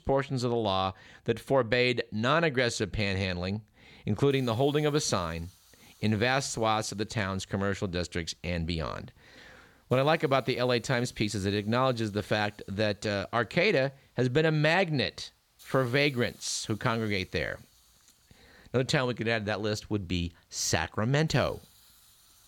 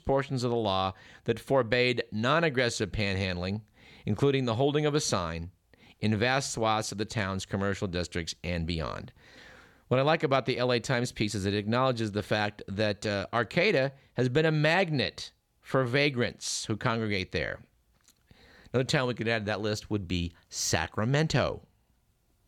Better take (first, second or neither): second